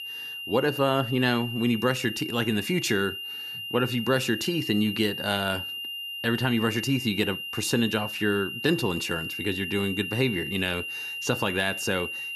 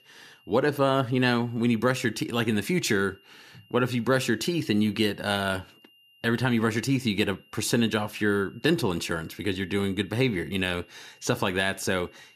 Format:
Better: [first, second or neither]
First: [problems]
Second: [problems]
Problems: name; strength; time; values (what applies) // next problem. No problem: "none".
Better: second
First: high-pitched whine; loud; throughout; 3 kHz, 6 dB below the speech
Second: high-pitched whine; faint; throughout; 3 kHz, 30 dB below the speech